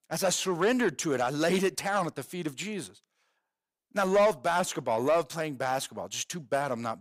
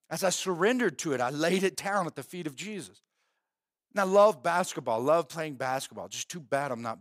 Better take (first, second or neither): second